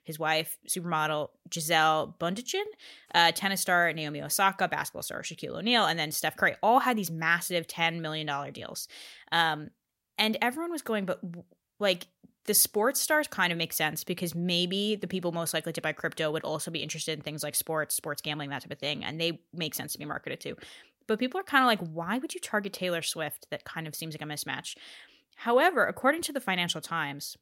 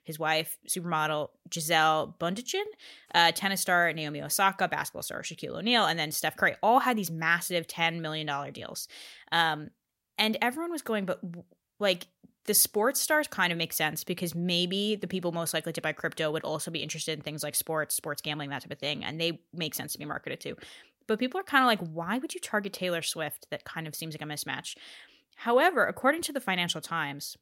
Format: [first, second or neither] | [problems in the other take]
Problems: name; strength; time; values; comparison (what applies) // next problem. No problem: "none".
neither | none